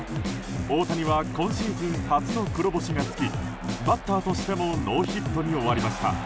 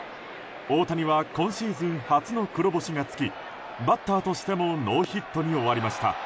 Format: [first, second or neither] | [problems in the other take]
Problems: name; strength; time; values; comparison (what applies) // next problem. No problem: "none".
second | background sound (Drum kit); 4 dB below the speech